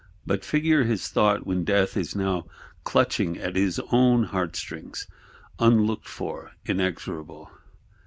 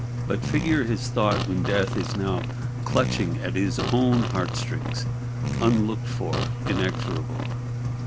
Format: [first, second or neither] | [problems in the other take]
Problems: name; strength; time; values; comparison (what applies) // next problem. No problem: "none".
first | background sound (Engine + Fart); as loud as the speech